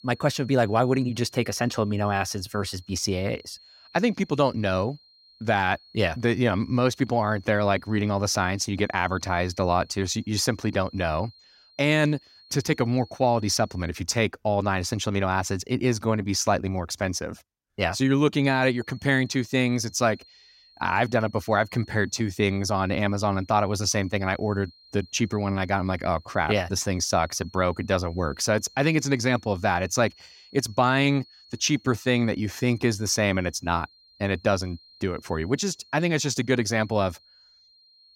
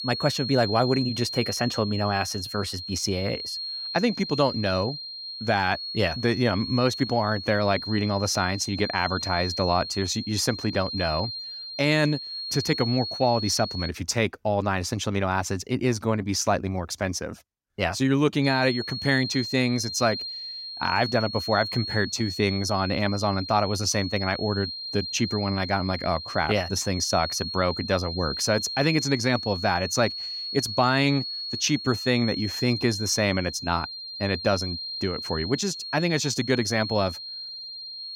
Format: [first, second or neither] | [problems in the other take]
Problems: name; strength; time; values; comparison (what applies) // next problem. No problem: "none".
first | high-pitched whine; loud; until 14 s and from 18 s on; 4 kHz, 6 dB below the speech; faint in the first